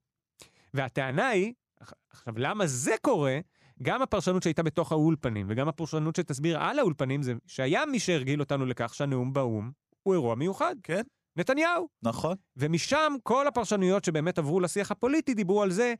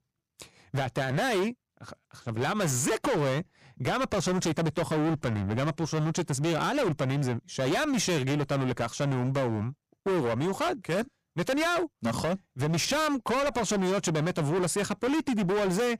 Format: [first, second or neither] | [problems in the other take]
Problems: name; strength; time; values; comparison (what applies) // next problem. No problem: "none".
first | distortion; heavy; 26% of the sound clipped